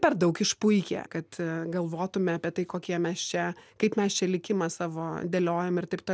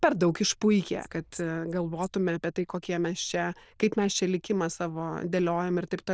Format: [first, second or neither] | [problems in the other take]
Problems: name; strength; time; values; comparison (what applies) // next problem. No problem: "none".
first | noise reduction (neural diffusion model UNIVERSE++)